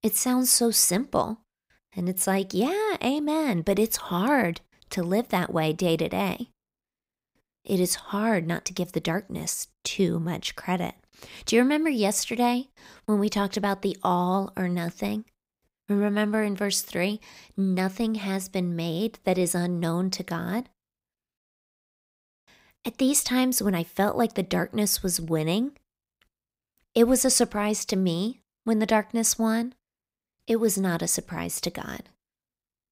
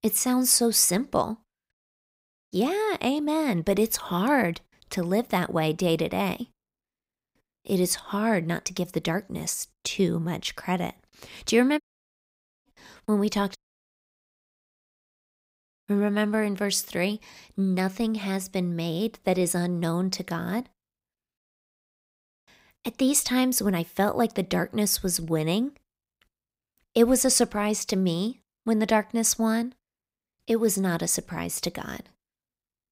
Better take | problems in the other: first | audio cutting out; at 1.5 s for 1 s, at 12 s for 1 s and at 14 s for 2.5 s

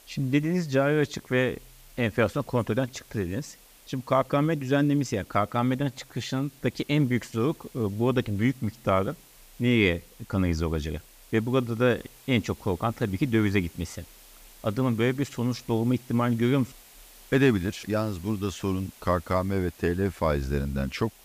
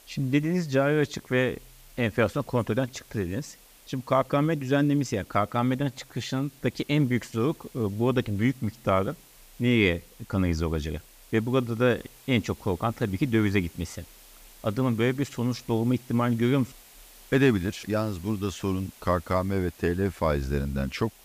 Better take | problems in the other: neither | hiss; faint; throughout; 25 dB below the speech; the same in both

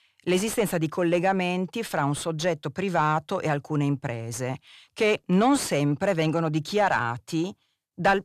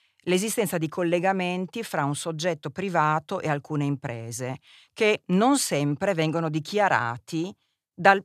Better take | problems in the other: second | distortion; slight; 10 dB below the speech

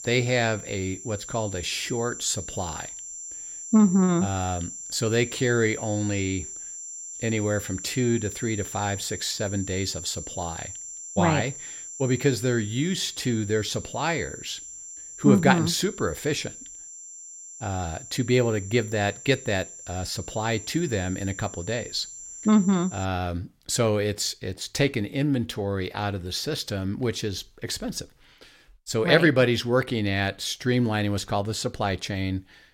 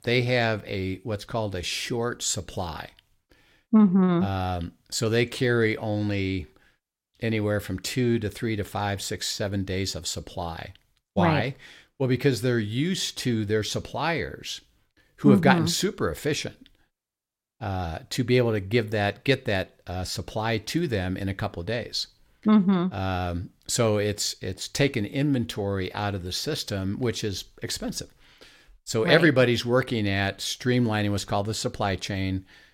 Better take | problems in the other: second | high-pitched whine; noticeable; until 23 s; 7.5 kHz, 10 dB below the speech

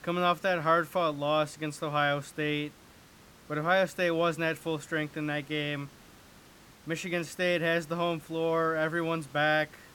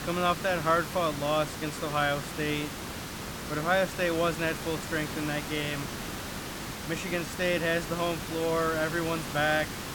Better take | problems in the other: first | hiss; loud; throughout; 7 dB below the speech; faint in the first

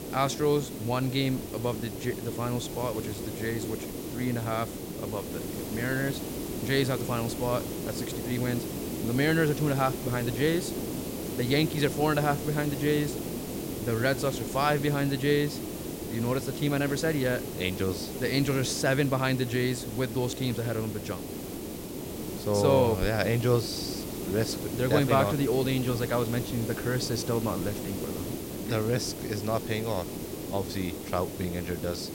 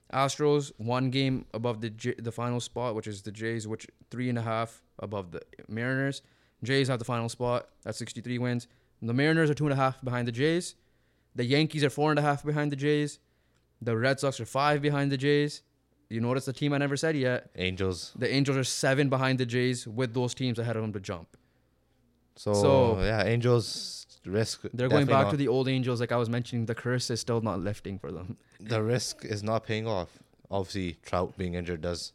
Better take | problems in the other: second | hiss; loud; throughout; 6 dB below the speech

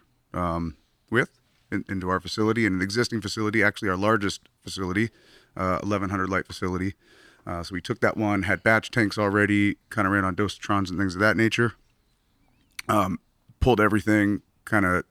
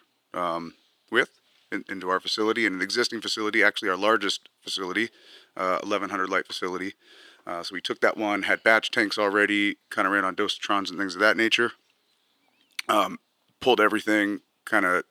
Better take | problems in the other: first | thin; somewhat; fading below 400 Hz

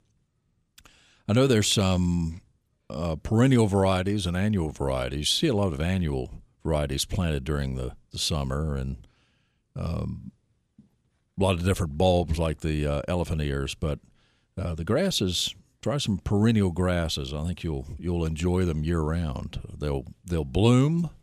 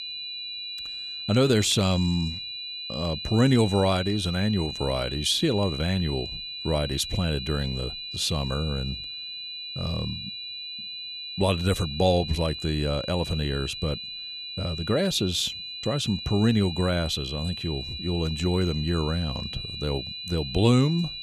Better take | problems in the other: first | high-pitched whine; loud; throughout; 4 kHz, 7 dB below the speech

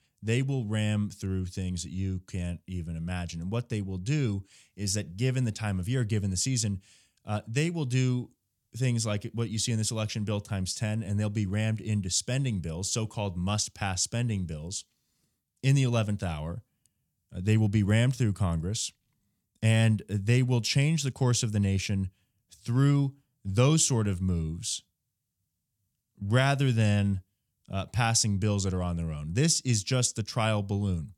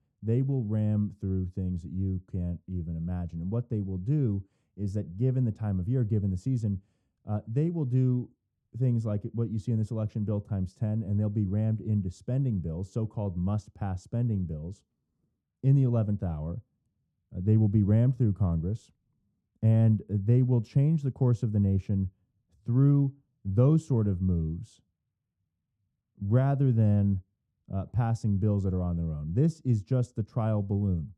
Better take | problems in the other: first | muffled; very; fading above 1 kHz

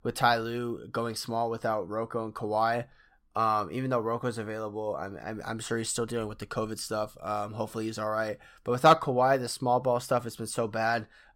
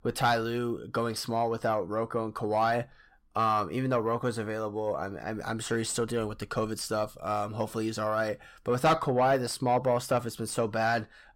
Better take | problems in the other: first | distortion; slight; 10 dB below the speech

